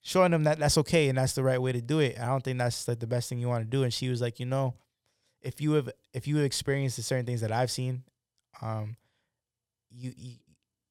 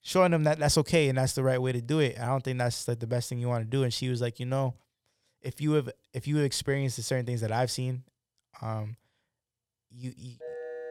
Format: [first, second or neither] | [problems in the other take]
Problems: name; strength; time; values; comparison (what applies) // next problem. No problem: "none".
first | phone ringing; faint; at 10 s; peak 10 dB below the speech